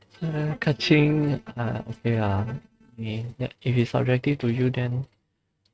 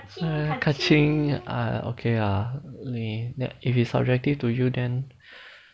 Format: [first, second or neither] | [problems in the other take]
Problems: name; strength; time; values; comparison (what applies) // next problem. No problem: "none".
second | noise reduction (neural mask model RNNoise)